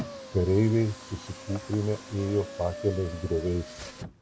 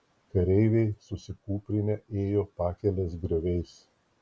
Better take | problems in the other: second | background sound (Car); 13 dB below the speech

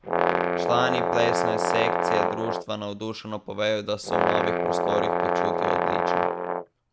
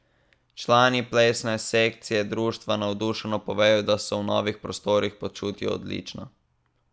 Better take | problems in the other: second | background sound (Brass instrument); 5 dB above the speech

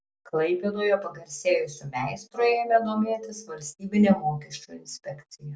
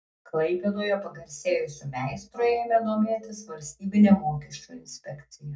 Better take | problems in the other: first | room echo; dies away in 0.4 s

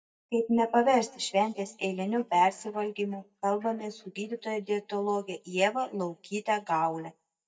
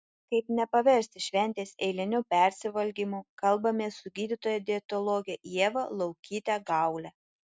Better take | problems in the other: second | noise reduction (neural mask model DeepFilterNet 3)

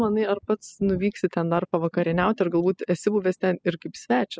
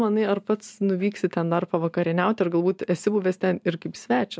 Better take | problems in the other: second | noise reduction (classical method spectral subtraction)

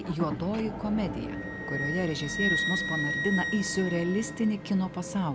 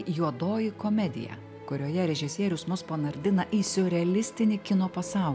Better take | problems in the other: second | background sound (Wind instrument, woodwind instrument + Motor vehicle (road) / Engine); 3 dB below the speech

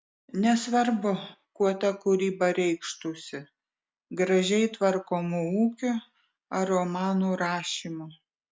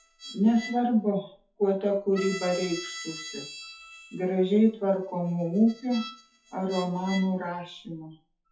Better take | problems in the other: first | noise reduction (classical method WPE with log-MMSE)

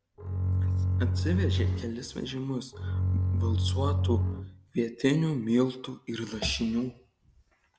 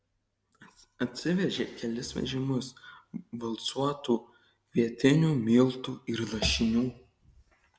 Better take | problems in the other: second | background sound (Bowed string instrument); 4 dB above the speech

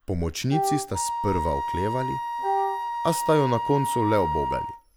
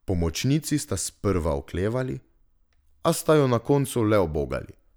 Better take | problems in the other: second | background sound (Wind instrument, woodwind instrument + Wind instrument, woodwind instrument); 1 dB below the speech

